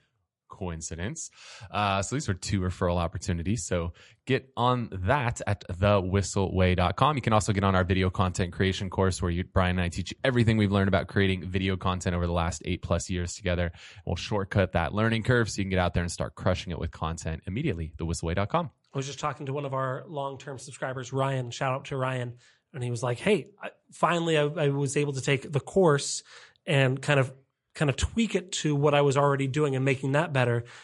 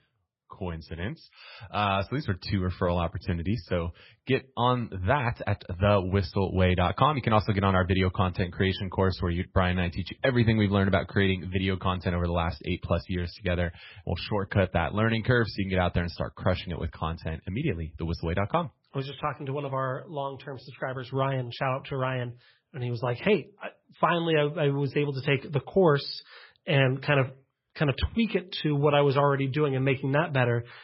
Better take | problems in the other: first | garbled, watery; badly; nothing above 5.5 kHz; slightly in the first

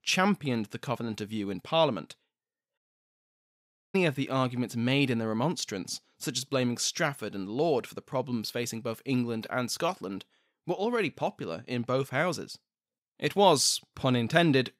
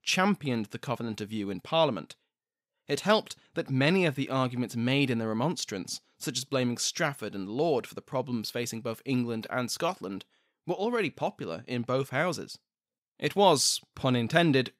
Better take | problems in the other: second | audio cutting out; at 3 s for 1 s

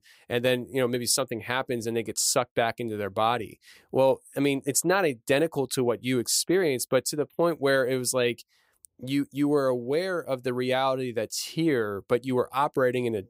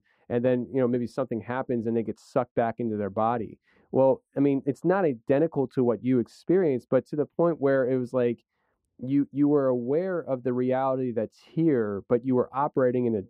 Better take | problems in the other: first | muffled; very; fading above 3 kHz

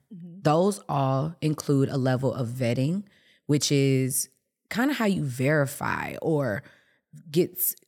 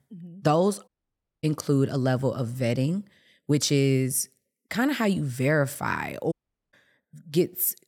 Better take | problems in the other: first | audio cutting out; at 1 s for 0.5 s and at 6.5 s

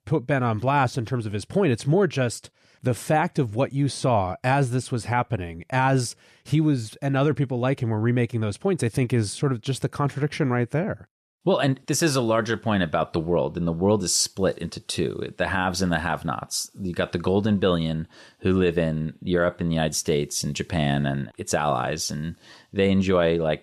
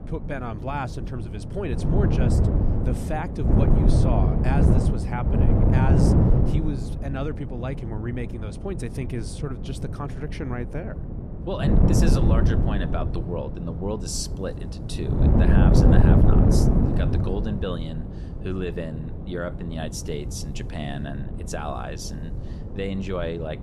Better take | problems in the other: first | wind noise on the microphone; heavy; 3 dB above the speech

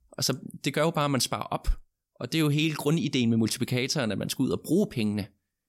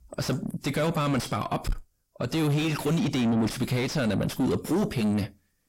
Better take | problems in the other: first | distortion; heavy; 5 dB below the speech

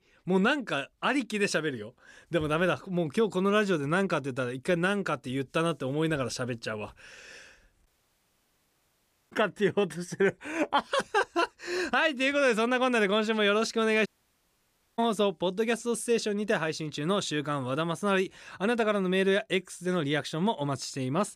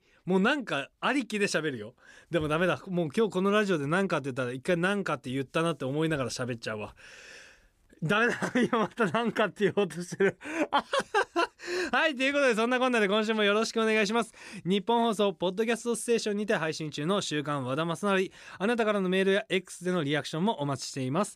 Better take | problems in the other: second | audio cutting out; at 8 s for 1.5 s and at 14 s for 1 s

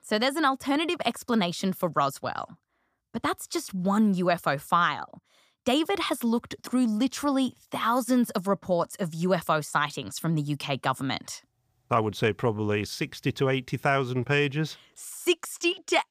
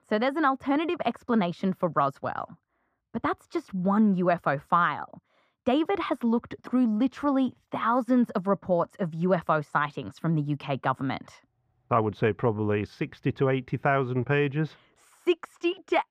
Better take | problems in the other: first | muffled; very; fading above 3.5 kHz

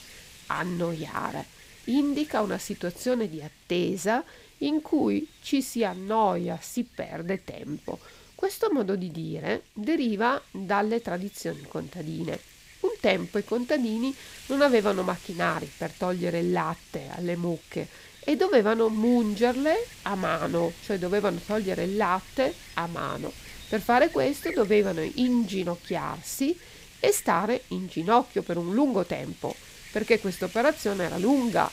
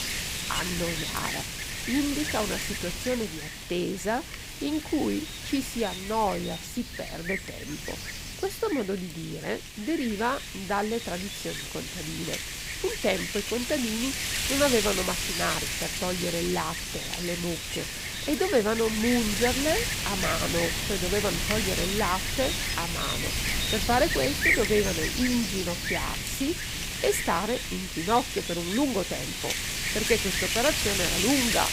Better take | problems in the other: first | wind noise on the microphone; heavy; 1 dB above the speech; occasional gusts in the first

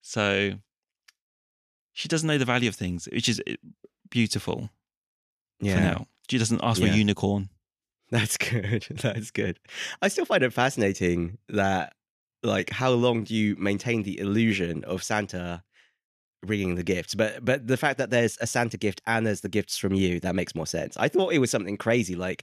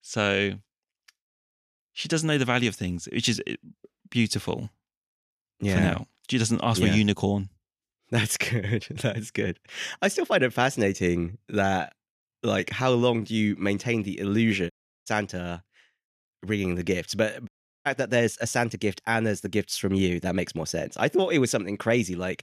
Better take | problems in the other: first | audio cutting out; at 15 s and at 17 s

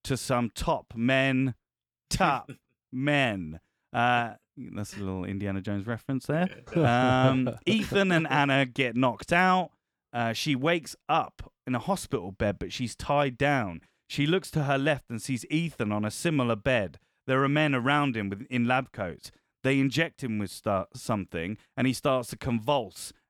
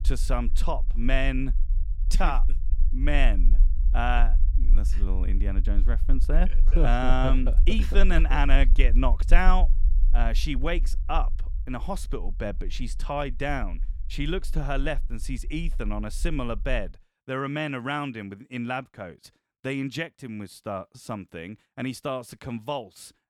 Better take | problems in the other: first | low rumble; faint; until 17 s; 20 dB below the speech

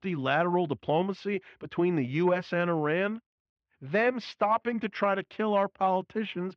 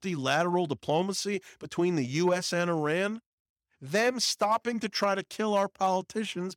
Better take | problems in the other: second | muffled; very; fading above 3 kHz

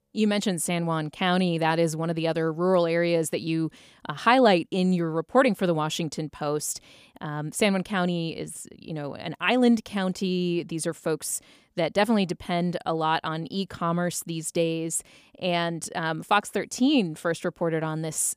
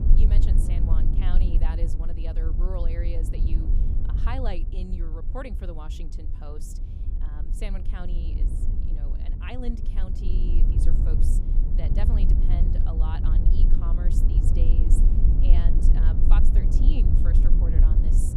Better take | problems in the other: first | low rumble; loud; throughout; 1 dB below the speech

